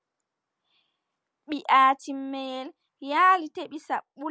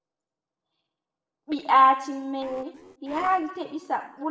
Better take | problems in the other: first | noise reduction (neural separator model SepFormer DNS4)

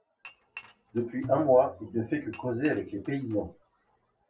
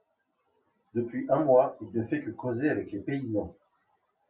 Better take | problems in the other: second | background sound (Tabla + Dishes, pots, and pans / Chink, clink); 19 dB below the speech

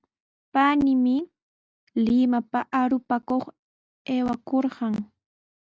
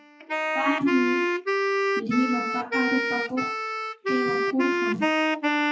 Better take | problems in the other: first | noise reduction (classical method WPE with log-MMSE)

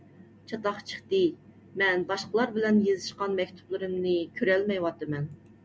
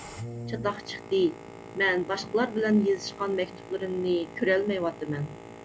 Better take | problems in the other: first | background sound (Boat, Water vehicle); 14 dB below the speech

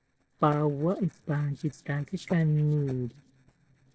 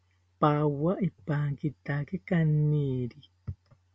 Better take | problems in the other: second | noise reduction (neural separator model SepFormer DNS4)

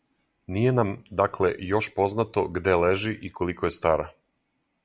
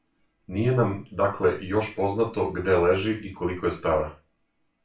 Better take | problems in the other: first | room echo; dies away in 0.3 s

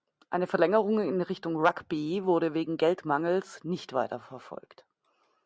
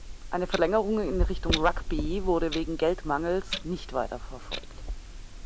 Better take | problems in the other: first | background sound (Clock); 3 dB below the speech

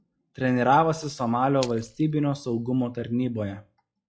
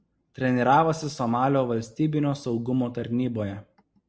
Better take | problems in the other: second | noise reduction (classical method log-MMSE)

